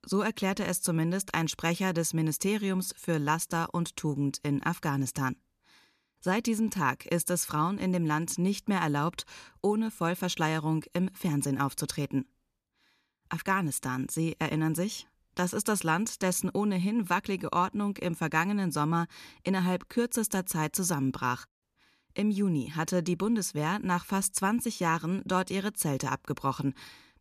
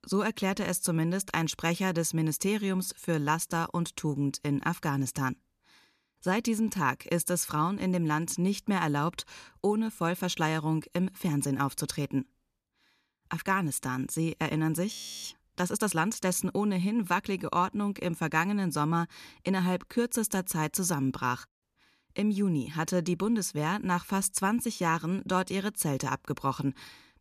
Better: first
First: none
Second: audio freezing; at 15 s

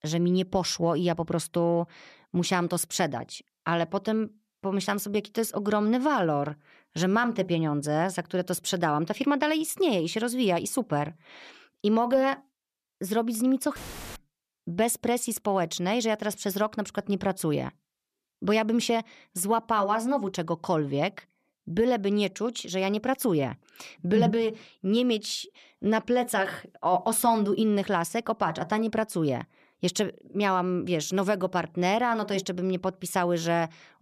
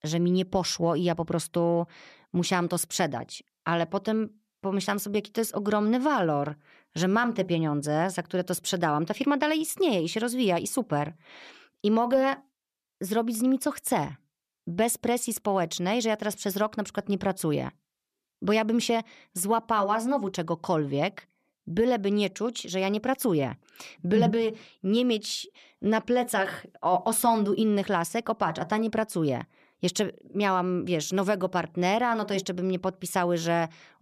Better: second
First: audio cutting out; filled with static; at 14 s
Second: none

